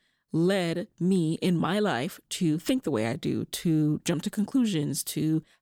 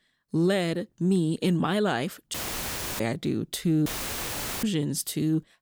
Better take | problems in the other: first | audio cutting out; filled with static; at 2.5 s for 0.5 s and at 4 s for 1 s

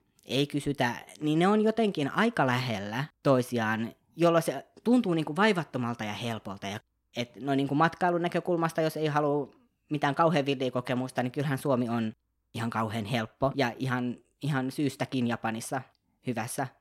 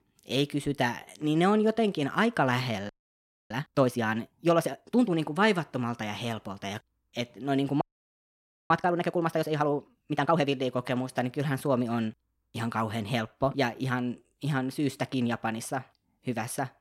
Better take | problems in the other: first | audio freezing; at 3 s for 0.5 s and at 8 s for 1 s

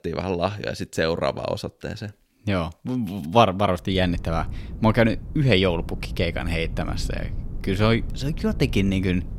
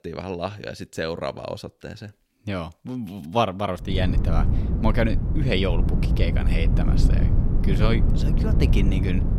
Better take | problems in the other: first | low rumble; loud; from 4 s on; 6 dB below the speech; faint in the first

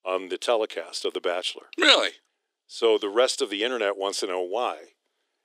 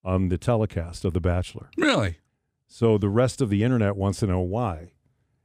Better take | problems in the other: second | thin; very; fading below 350 Hz

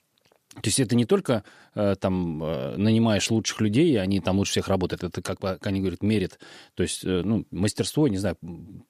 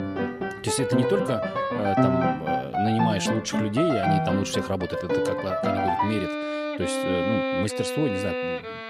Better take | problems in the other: first | background music; very loud; throughout; 2 dB above the speech

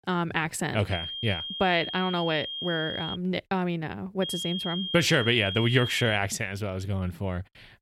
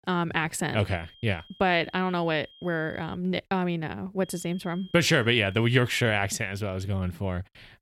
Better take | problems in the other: second | high-pitched whine; loud; from 1 to 3 s and from 4 to 6 s; 3 kHz, 5 dB below the speech; faint in the second

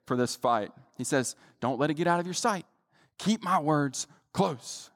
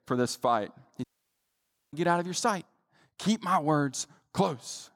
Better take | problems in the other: first | audio cutting out; at 1 s for 1 s

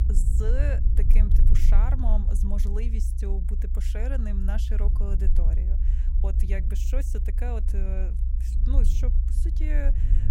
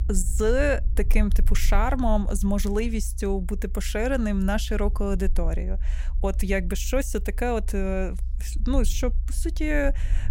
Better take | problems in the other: second | low rumble; loud; throughout; 6 dB below the speech; faint in the second

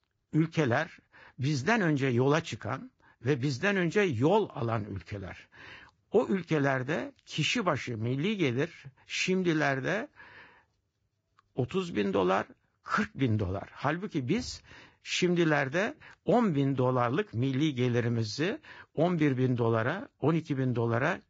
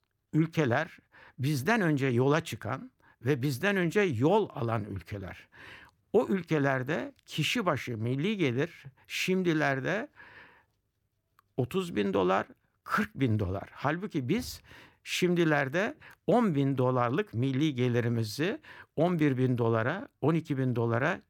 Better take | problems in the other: second | garbled, watery; badly; nothing above 7.5 kHz

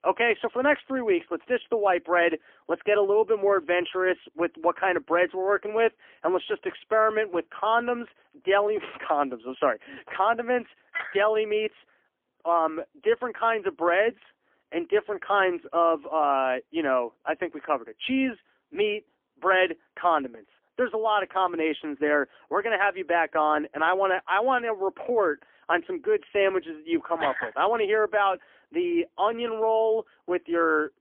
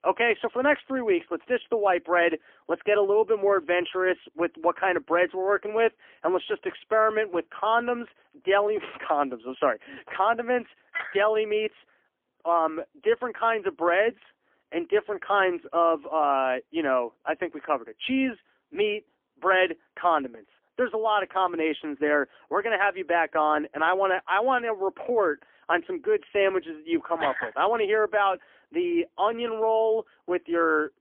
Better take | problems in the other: neither | phone-call audio; poor line; nothing above 3.5 kHz; the same in both

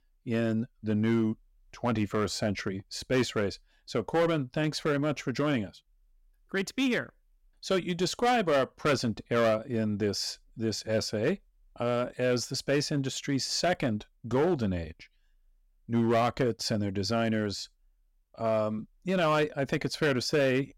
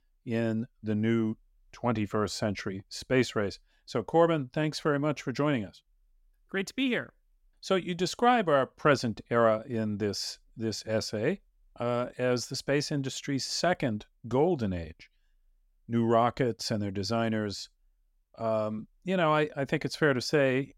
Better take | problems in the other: second | distortion; slight; 5% of the sound clipped

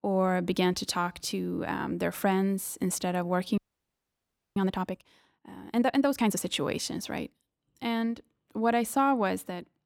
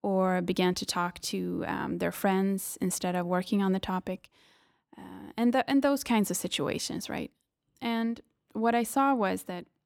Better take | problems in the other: second | audio freezing; at 3.5 s for 1 s

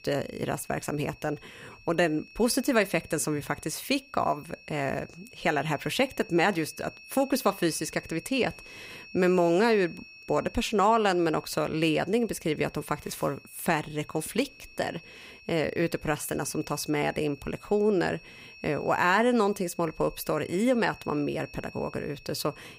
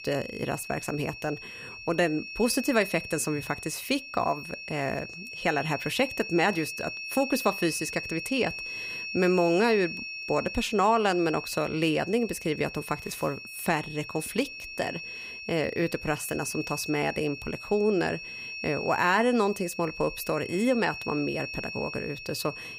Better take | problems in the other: first | high-pitched whine; loud; throughout; 2.5 kHz, 8 dB below the speech; faint in the first

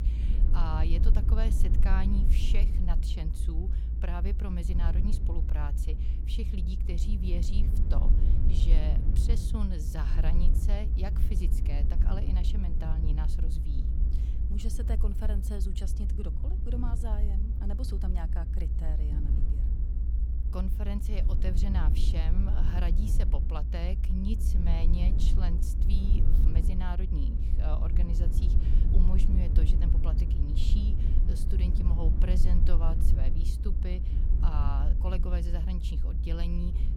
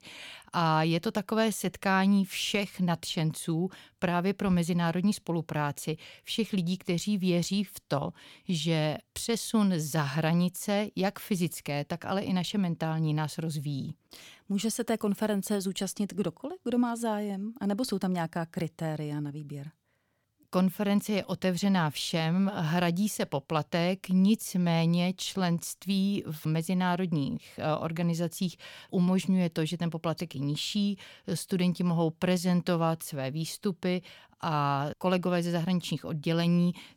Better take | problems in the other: second | low rumble; loud; throughout; 4 dB below the speech

